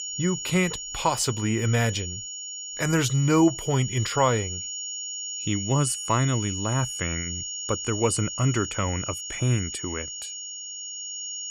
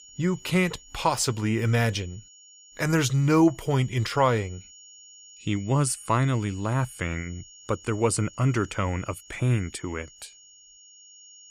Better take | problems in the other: second | high-pitched whine; loud; throughout; 7 kHz, 6 dB below the speech; faint in the second

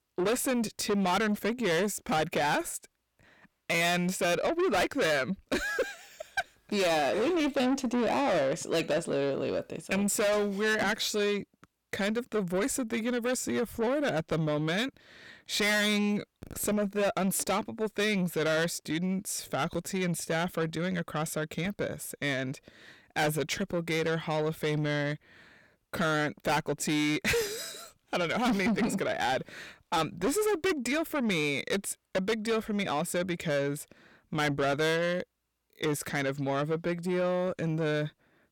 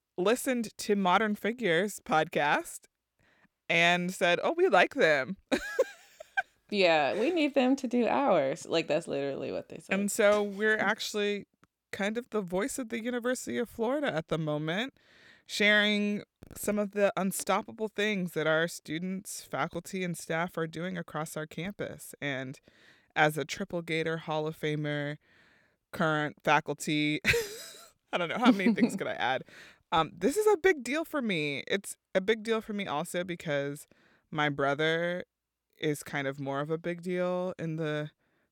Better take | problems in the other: second | distortion; heavy; 6 dB below the speech

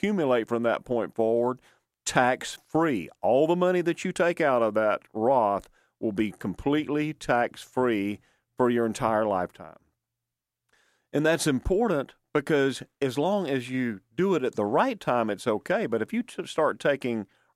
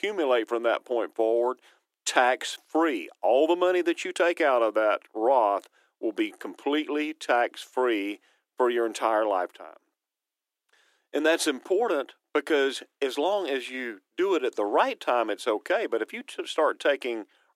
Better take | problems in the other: first | thin; somewhat; fading below 300 Hz

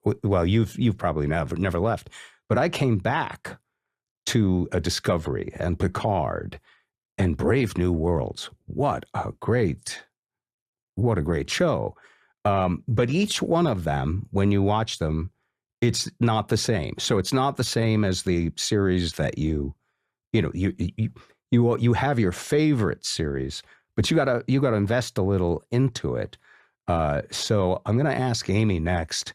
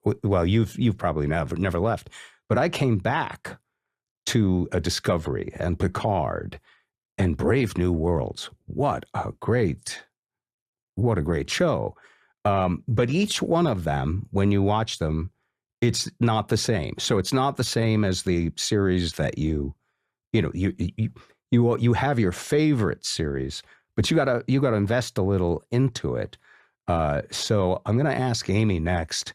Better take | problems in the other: neither | none

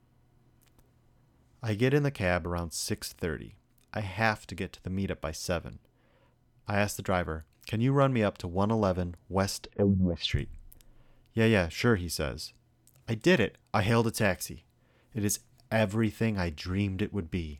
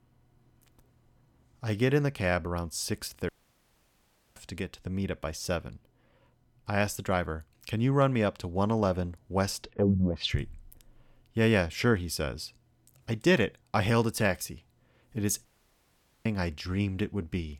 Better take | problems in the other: first | audio cutting out; at 3.5 s for 1 s and at 15 s for 1 s

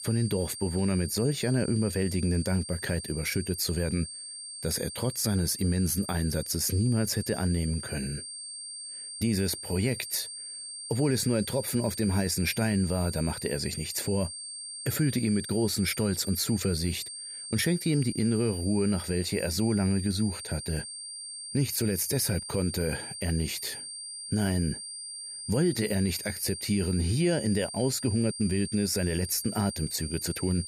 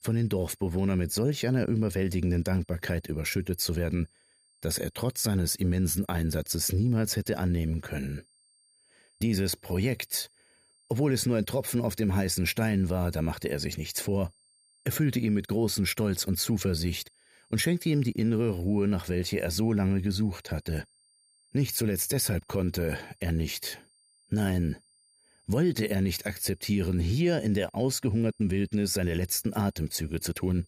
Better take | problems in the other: second | high-pitched whine; loud; throughout; 8.5 kHz, 8 dB below the speech; faint in the second

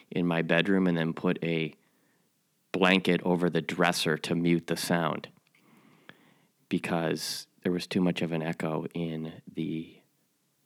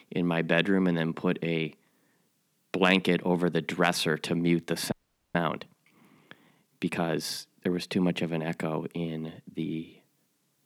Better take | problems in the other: first | audio freezing; at 5 s

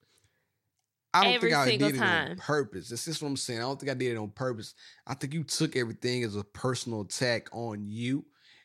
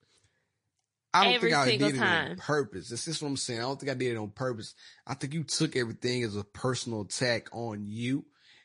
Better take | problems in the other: first | garbled, watery; slightly; nothing above 10.5 kHz

